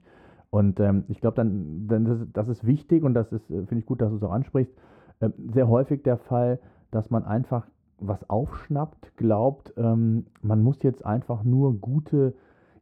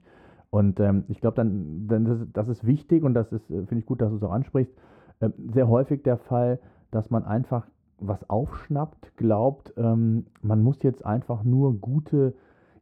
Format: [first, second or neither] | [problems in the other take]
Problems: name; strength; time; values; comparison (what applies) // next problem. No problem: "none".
neither | muffled; very; fading above 1.5 kHz; the same in both